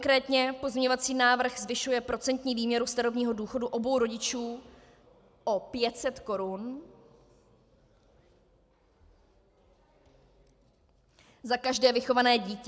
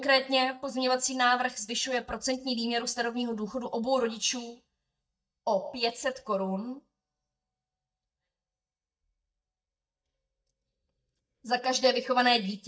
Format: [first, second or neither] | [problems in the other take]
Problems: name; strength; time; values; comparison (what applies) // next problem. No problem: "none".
first | noise reduction (neural mask model DeepFilterNet 3)